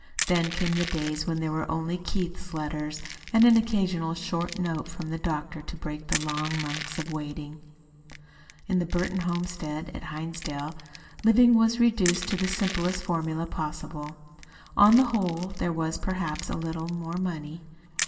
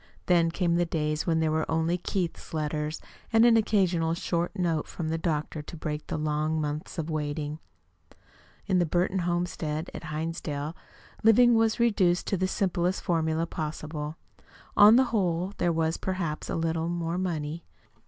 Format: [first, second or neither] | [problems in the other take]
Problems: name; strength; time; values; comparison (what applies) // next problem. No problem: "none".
second | background sound (Crushing); 13 dB below the speech // room echo; dies away in 2.4 s